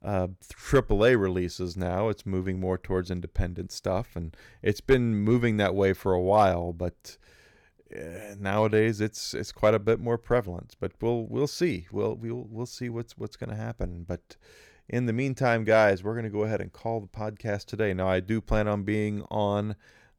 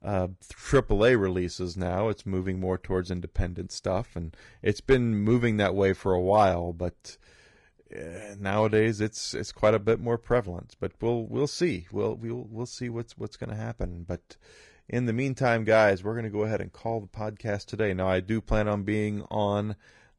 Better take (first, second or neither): first